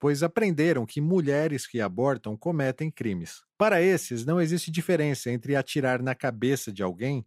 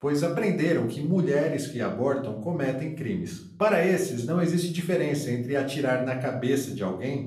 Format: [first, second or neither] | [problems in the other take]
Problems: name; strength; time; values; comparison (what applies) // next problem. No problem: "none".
first | room echo; slight; dies away in 0.6 s // off-mic speech; somewhat distant